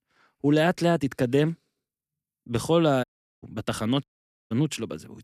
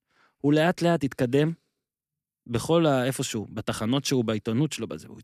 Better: second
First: audio cutting out; at 3 s and at 4 s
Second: none

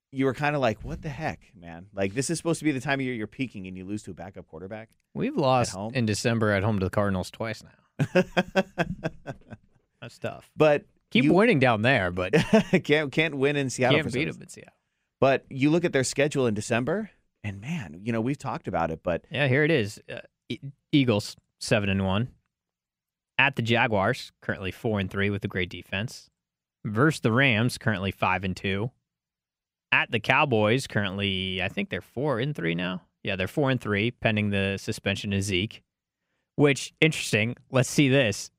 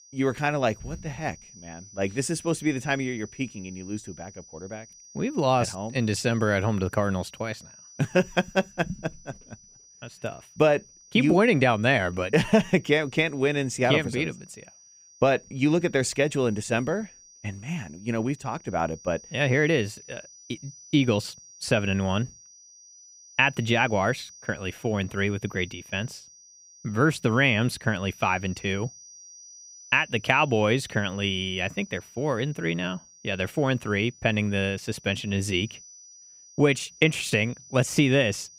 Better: first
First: none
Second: high-pitched whine; faint; throughout; 6 kHz, 20 dB below the speech

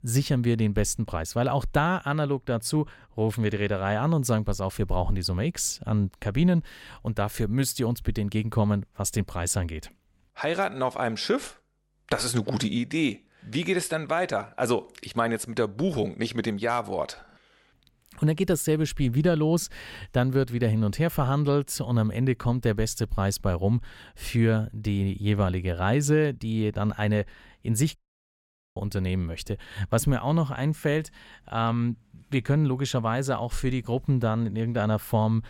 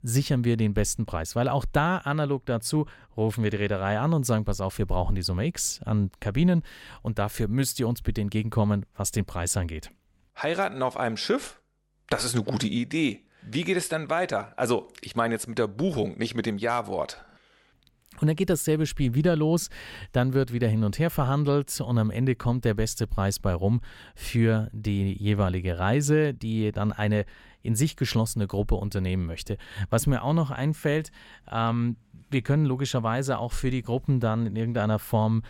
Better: second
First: audio cutting out; at 28 s for 1 s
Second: none

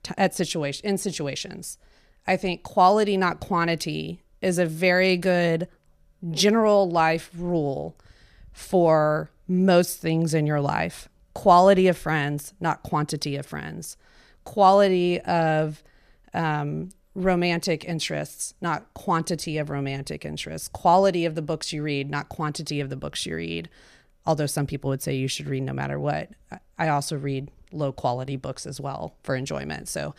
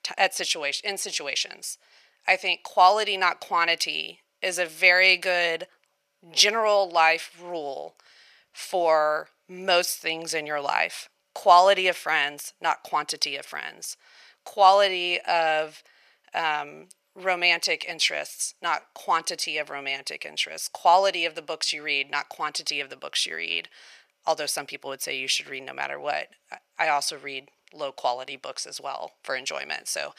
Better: first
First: none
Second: thin; very; fading below 750 Hz

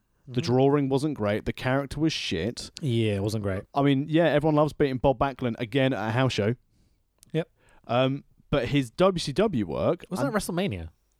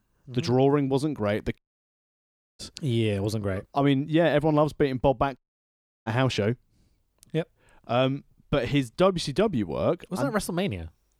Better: first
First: none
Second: audio cutting out; at 1.5 s for 1 s and at 5.5 s for 0.5 s

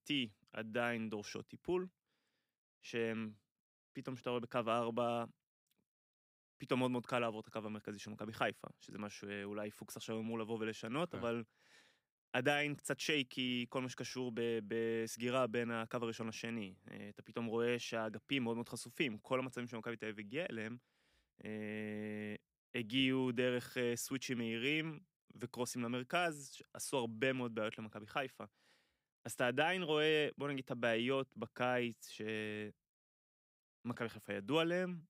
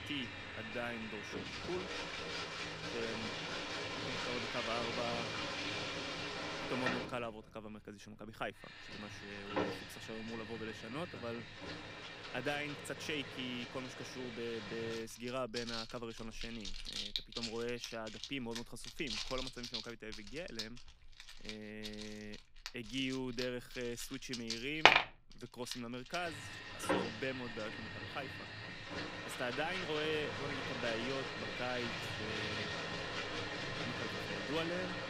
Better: first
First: none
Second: household noises; very loud; throughout; 3 dB above the speech

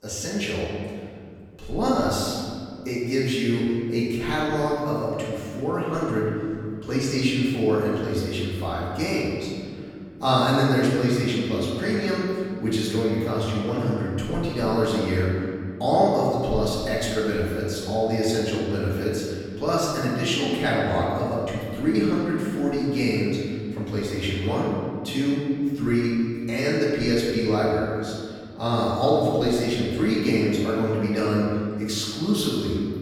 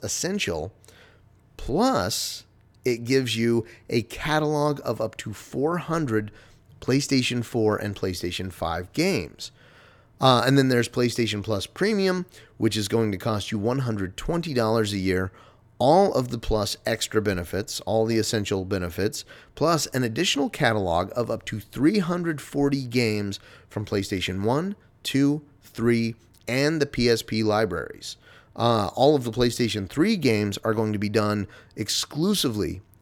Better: second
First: off-mic speech; far // room echo; strong; dies away in 2 s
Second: none

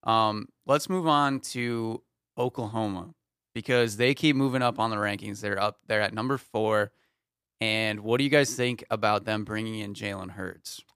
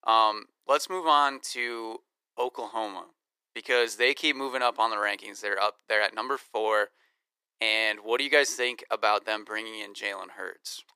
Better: first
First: none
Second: thin; very; fading below 400 Hz

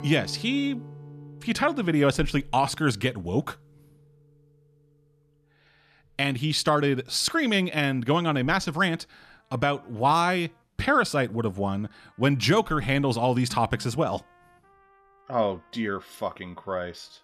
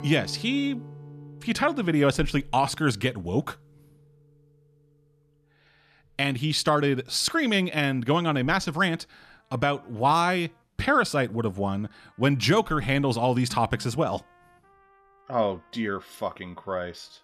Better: neither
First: background music; faint; throughout; 20 dB below the speech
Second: background music; faint; throughout; 20 dB below the speech

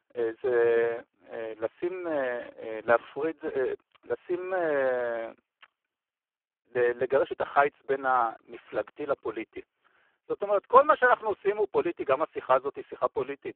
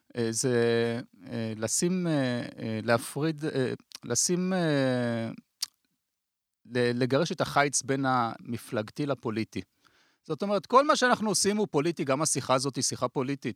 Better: second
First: phone-call audio; poor line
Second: none

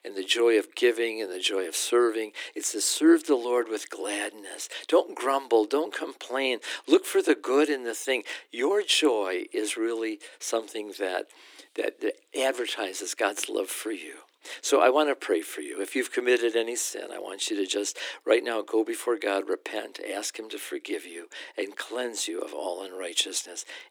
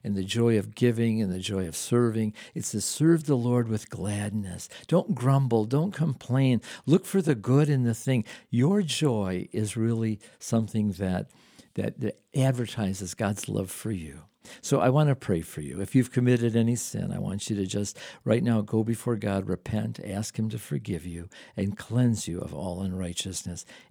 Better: second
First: thin; very; fading below 300 Hz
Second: none

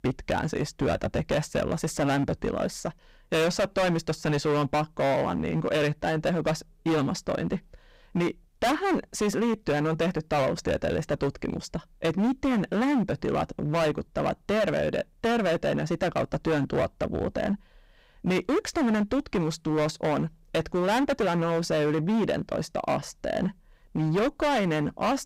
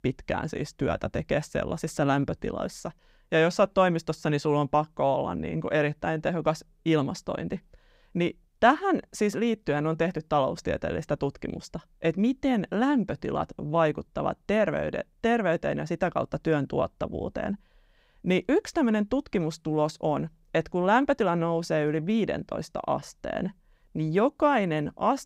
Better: second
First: distortion; heavy; 17% of the sound clipped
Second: none

